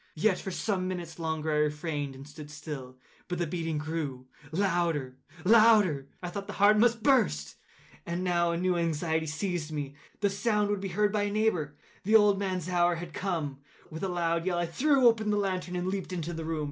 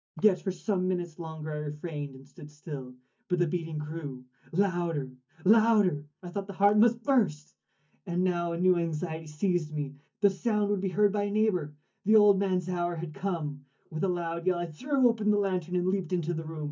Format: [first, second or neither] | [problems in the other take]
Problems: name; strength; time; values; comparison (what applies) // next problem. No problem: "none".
first | noise reduction (neural mask model DeepFilterNet 3)